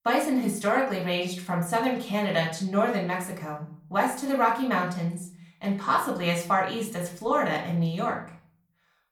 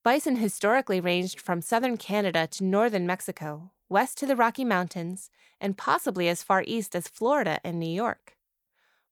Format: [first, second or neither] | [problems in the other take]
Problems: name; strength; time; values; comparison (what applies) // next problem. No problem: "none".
second | off-mic speech; far // room echo; slight; dies away in 0.5 s